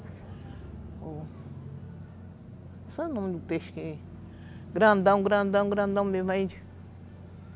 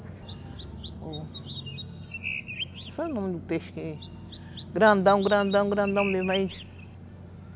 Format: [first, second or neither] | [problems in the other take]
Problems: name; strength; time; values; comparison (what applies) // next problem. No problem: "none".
first | background sound (Chirp, tweet); 13 dB below the speech